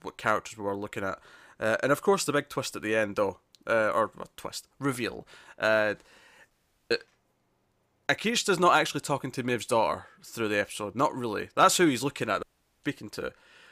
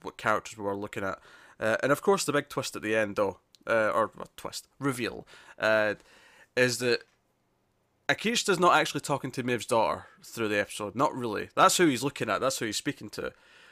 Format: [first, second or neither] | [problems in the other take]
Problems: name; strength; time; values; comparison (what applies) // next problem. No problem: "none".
second | audio cutting out; at 6.5 s and at 12 s